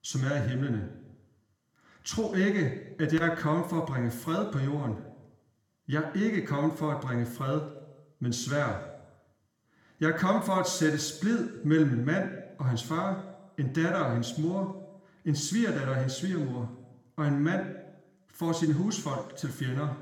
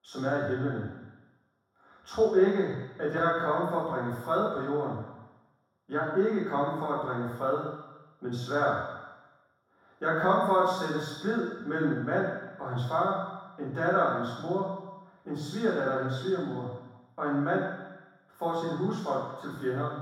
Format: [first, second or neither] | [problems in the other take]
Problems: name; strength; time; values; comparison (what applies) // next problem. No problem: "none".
first | room echo; strong; dies away in 1.2 s; slight in the first // off-mic speech; far